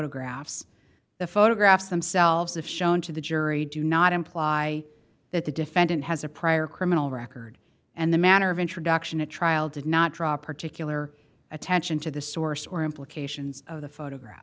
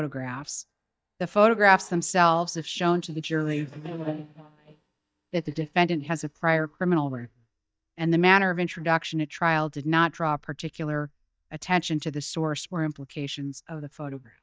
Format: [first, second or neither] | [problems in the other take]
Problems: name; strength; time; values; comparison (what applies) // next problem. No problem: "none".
first | noise reduction (neural mask model DeepFilterNet 3)